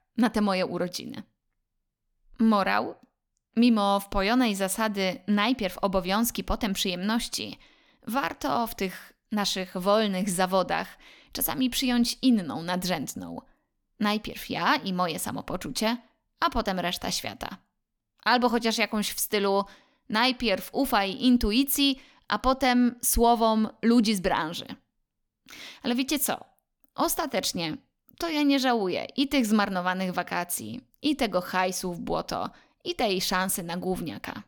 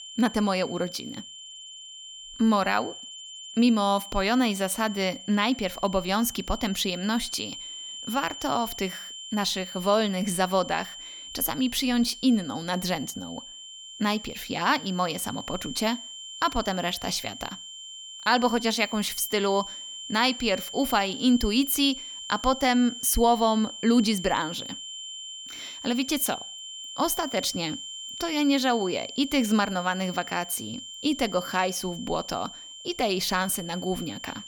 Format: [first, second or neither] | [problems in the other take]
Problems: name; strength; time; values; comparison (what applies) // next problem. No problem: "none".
first | high-pitched whine; noticeable; throughout; 3 kHz, 10 dB below the speech